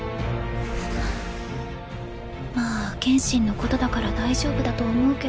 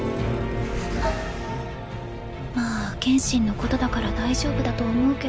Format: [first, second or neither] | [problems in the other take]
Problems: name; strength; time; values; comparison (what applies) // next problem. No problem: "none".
first | background sound (Piano); 11 dB below the speech